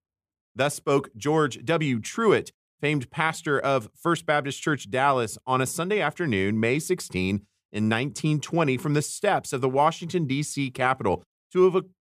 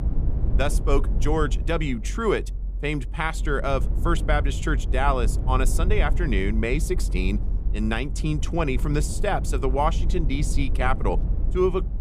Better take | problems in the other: first | low rumble; noticeable; throughout; 15 dB below the speech

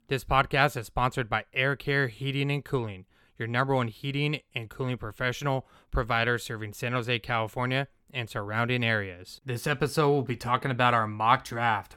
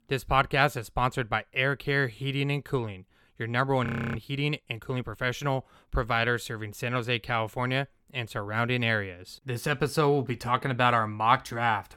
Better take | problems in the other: first | audio freezing; at 4 s

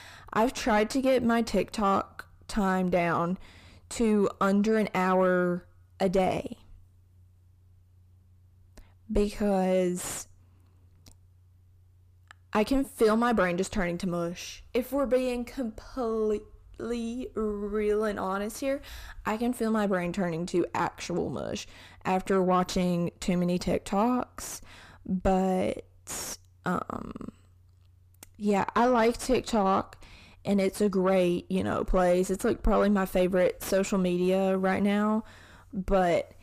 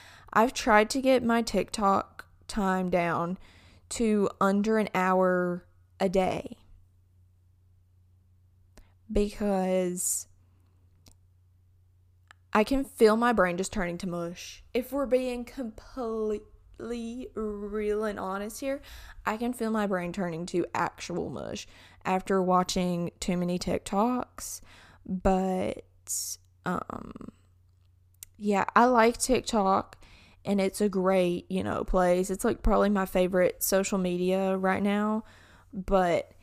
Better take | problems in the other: second | distortion; slight; 10 dB below the speech

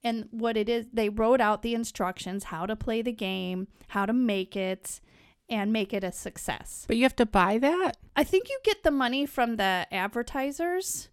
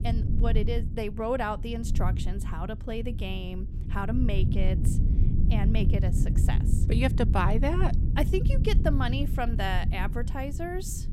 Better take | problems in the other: first | low rumble; loud; throughout; 9 dB below the speech

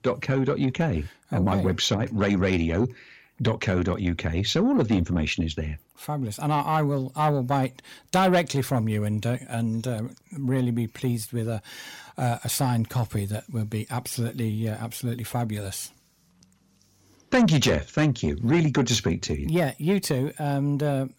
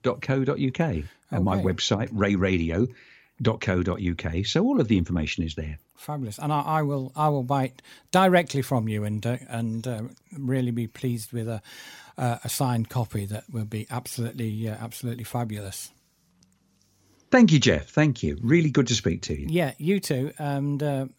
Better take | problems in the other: second | distortion; slight; 10 dB below the speech

